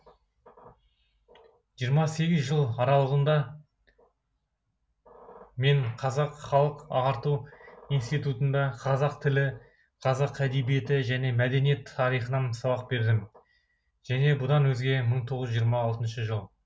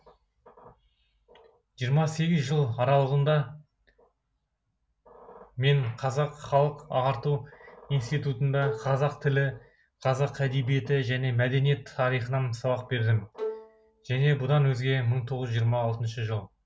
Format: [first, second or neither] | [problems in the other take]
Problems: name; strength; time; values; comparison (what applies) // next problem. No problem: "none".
first | background sound (Bowed string instrument); 11 dB below the speech